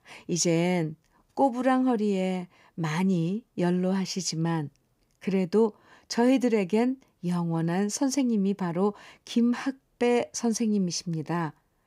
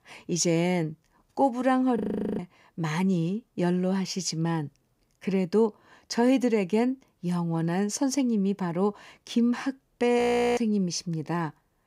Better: first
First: none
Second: audio freezing; at 2 s and at 10 s

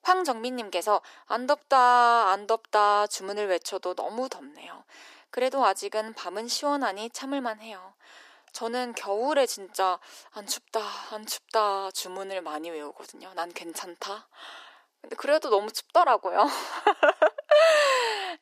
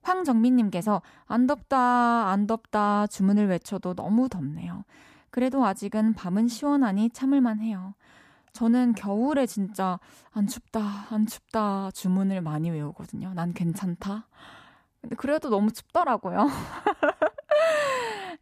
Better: second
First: thin; very; fading below 350 Hz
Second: none

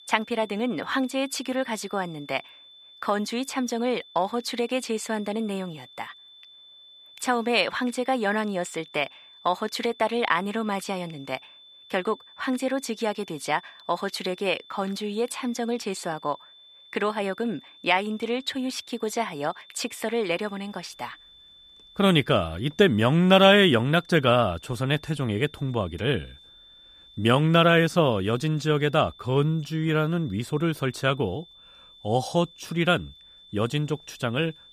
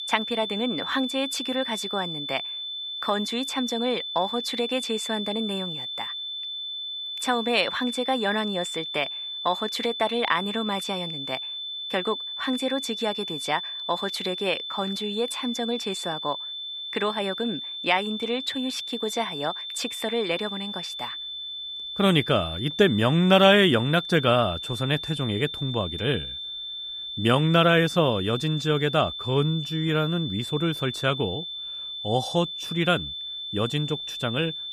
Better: first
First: high-pitched whine; faint; throughout; 3.5 kHz, 25 dB below the speech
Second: high-pitched whine; loud; throughout; 3.5 kHz, 6 dB below the speech

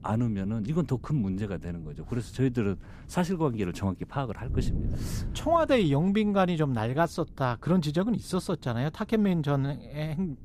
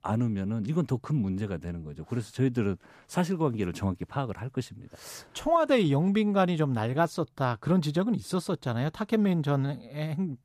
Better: second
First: wind noise on the microphone; occasional gusts; 20 dB below the speech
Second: none

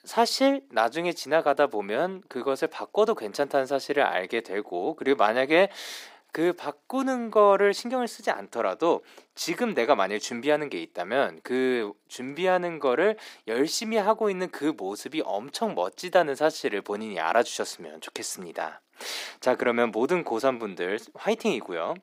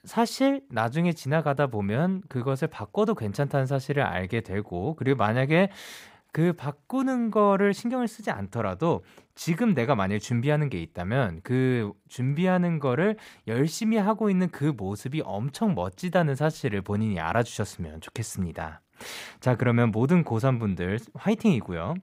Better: second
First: thin; somewhat; fading below 300 Hz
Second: none

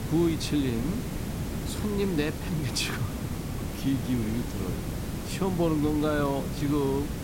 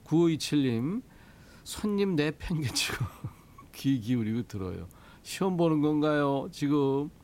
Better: second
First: hiss; loud; throughout; 5 dB below the speech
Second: hiss; faint; throughout; 25 dB below the speech

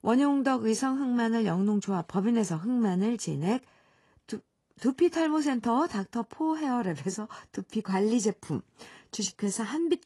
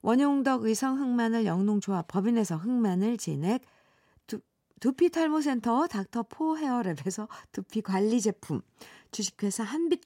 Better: second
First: garbled, watery; slightly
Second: none

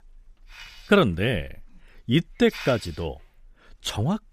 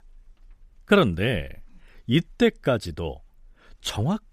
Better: second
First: hiss; noticeable; at 0.5 s and at 2.5 s; 15 dB below the speech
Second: none

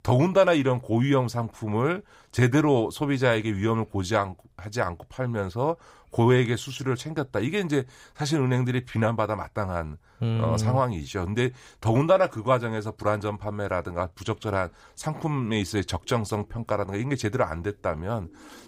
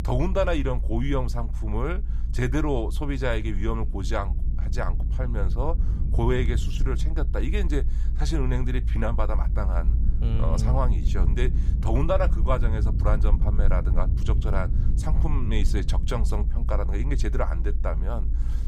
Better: first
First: none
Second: low rumble; noticeable; throughout; 15 dB below the speech

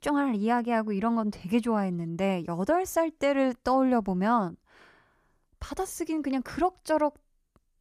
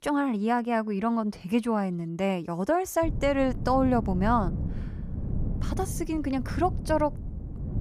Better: first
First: none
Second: wind noise on the microphone; occasional gusts; from 3 s on; 15 dB below the speech

